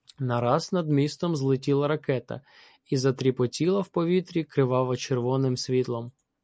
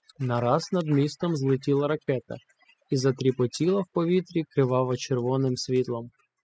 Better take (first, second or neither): first